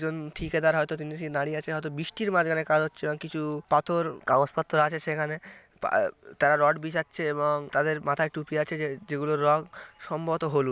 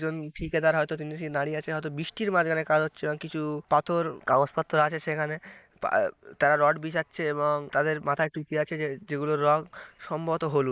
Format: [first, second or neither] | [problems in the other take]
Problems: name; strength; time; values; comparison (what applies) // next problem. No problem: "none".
first | noise reduction (neural mask model Resemble Enhance denoiser)